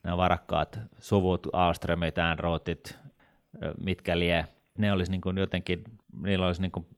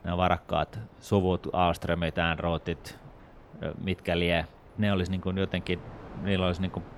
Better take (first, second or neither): first